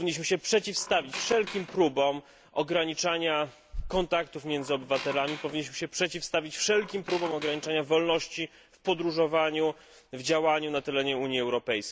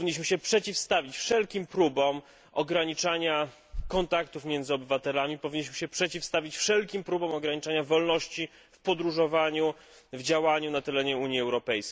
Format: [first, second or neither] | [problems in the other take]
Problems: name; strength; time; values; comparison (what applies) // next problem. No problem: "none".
second | background sound (Squeak); 14 dB below the speech